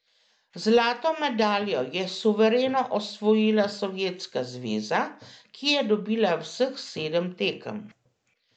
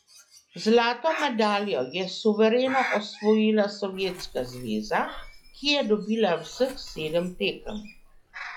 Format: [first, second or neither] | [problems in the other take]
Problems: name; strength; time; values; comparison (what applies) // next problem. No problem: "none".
first | noise reduction (classical method log-MMSE)